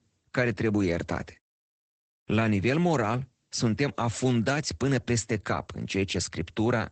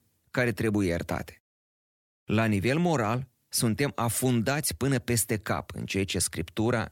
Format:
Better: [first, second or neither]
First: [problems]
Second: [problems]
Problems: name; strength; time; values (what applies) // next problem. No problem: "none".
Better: second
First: garbled, watery; badly; nothing above 8 kHz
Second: none